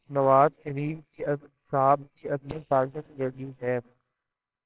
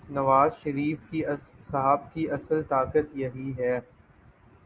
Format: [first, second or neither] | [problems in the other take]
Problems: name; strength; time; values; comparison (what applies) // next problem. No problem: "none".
second | noise reduction (neural separator model SepFormer WHAMR!)